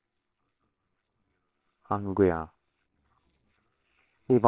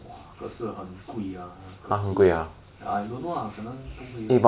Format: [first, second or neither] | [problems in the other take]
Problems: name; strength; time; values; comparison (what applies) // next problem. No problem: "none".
second | noise reduction (neural separator model SepFormer WHAMR!)